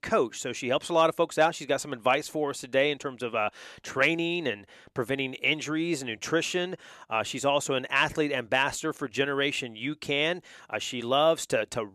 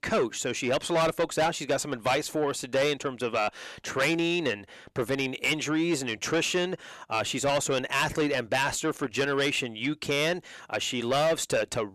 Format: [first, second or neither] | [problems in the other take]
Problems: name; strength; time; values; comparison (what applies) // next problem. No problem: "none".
first | distortion; heavy; 7 dB below the speech